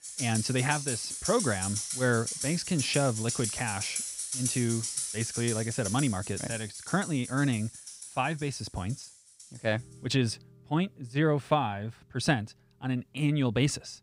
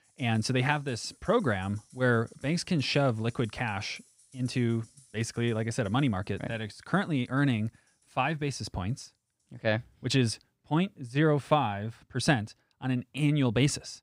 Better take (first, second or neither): second